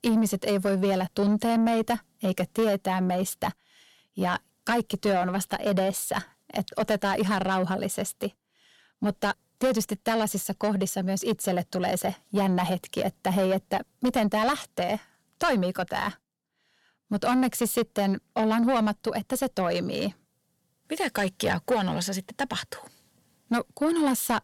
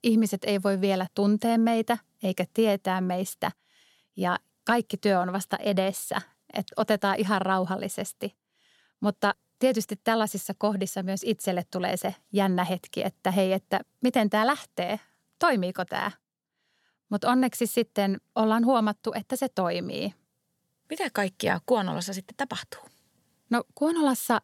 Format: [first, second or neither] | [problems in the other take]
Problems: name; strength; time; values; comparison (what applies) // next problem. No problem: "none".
second | distortion; slight; 10 dB below the speech